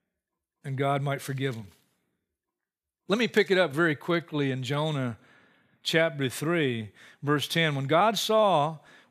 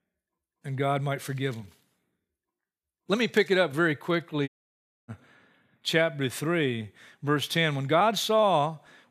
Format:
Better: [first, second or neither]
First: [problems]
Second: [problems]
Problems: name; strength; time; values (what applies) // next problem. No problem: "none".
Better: first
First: none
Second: audio cutting out; at 4.5 s for 0.5 s